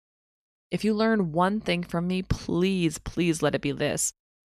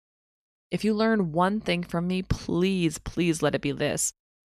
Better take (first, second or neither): neither